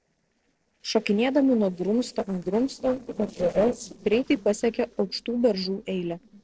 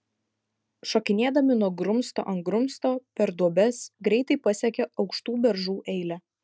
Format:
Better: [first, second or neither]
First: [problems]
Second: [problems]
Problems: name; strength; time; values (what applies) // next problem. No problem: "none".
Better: second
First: noise reduction (neural separator model SepFormer DNS4)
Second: none